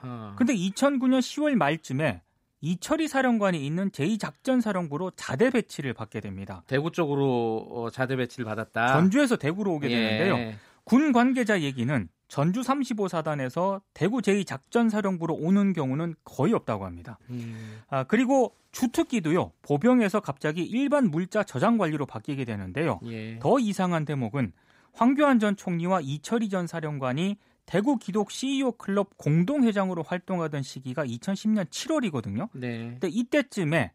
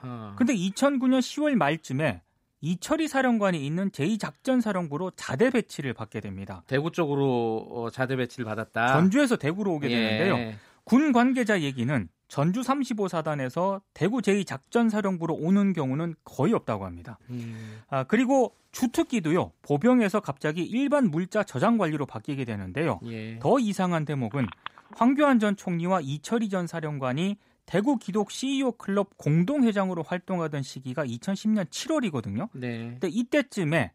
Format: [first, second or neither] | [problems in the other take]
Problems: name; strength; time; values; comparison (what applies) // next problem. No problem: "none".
first | phone ringing; faint; at 24 s; peak 15 dB below the speech